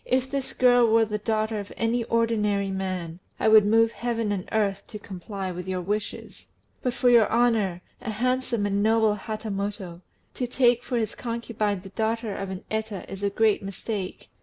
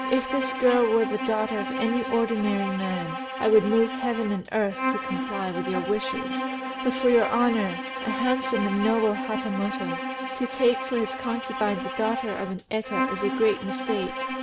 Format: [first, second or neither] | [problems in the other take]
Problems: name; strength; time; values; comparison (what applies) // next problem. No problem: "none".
first | background sound (Bowed string instrument); 5 dB below the speech